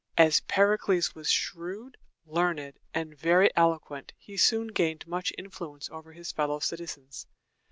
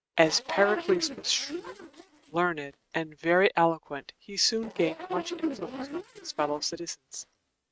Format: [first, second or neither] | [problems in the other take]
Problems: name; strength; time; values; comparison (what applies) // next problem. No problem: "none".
first | noise reduction (neural mask model RNNoise)